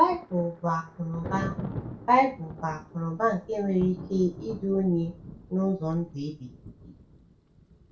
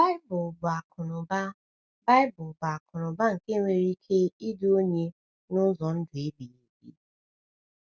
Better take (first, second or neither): second